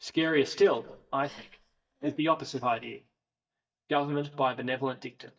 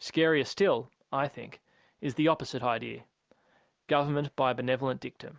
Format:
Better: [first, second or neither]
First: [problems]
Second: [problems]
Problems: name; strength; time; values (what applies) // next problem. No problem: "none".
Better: second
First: noise reduction (neural mask model DeepFilterNet 3)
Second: none